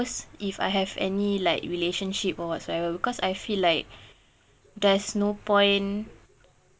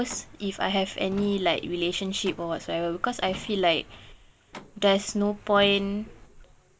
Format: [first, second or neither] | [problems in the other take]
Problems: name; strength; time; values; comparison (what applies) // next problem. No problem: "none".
first | background sound (Truck); 20 dB below the speech